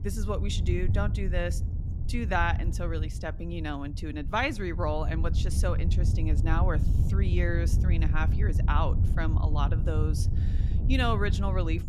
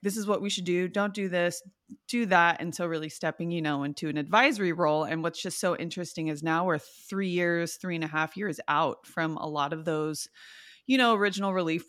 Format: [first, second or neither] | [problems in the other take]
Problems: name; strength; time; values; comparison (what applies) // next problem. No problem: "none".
second | wind noise on the microphone; occasional gusts; 10 dB below the speech